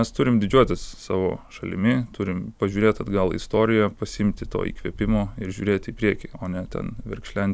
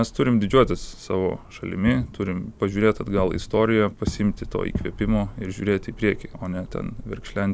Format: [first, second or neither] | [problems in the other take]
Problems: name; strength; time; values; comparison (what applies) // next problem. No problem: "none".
first | background sound (Fireworks); 15 dB below the speech